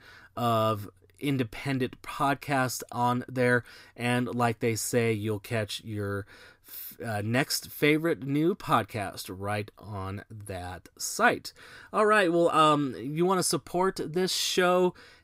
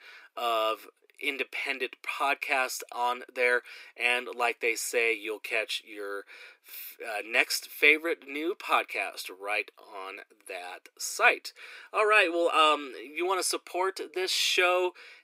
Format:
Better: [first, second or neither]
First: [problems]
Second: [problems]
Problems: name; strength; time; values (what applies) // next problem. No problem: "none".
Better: first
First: none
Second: thin; very; fading below 350 Hz